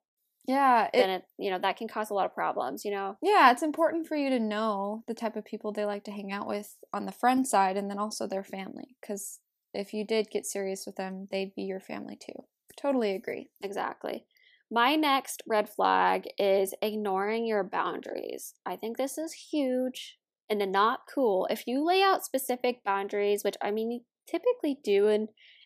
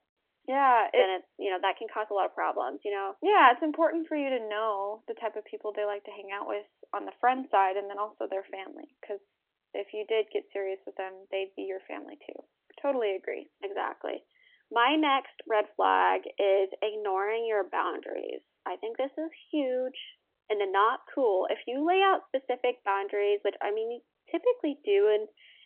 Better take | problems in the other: first | phone-call audio; nothing above 3.5 kHz

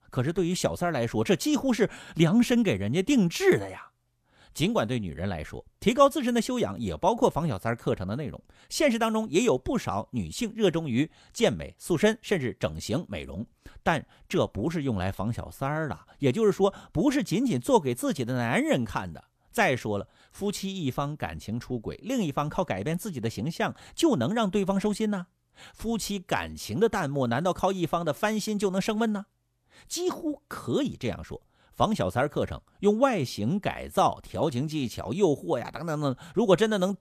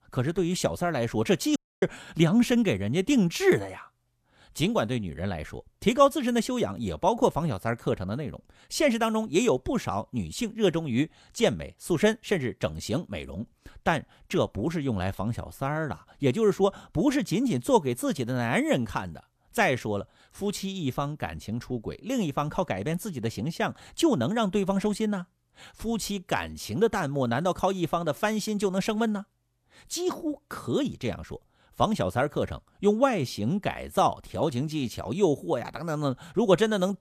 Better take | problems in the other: first | audio cutting out; at 1.5 s

